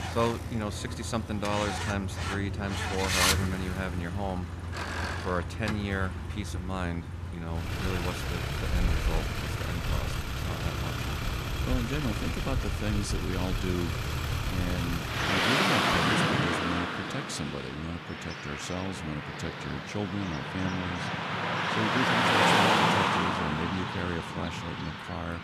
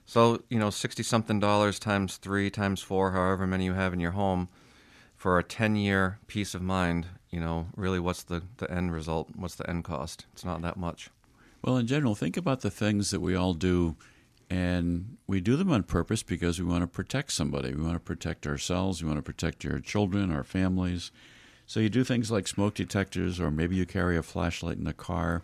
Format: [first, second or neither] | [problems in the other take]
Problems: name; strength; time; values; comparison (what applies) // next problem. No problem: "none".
second | traffic noise; very loud; throughout; 5 dB above the speech